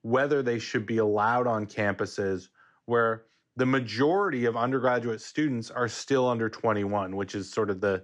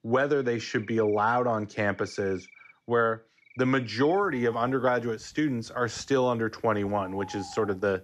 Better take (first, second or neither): first